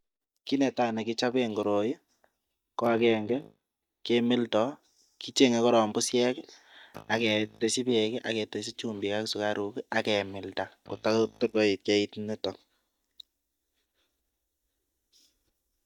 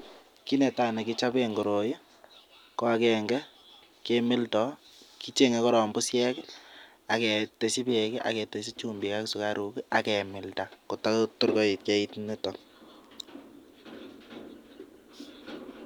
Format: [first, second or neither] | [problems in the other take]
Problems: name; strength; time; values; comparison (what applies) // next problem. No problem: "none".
second | noise reduction (neural mask model DeepFilterNet 3)